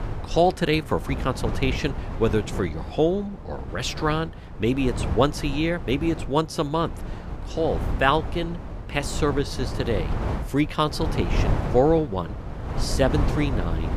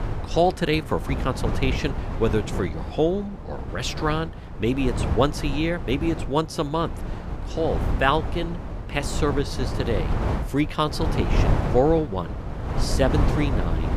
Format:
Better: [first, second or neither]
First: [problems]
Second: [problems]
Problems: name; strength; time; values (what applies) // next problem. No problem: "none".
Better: first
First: wind noise on the microphone; occasional gusts; 10 dB below the speech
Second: wind noise on the microphone; heavy; 8 dB below the speech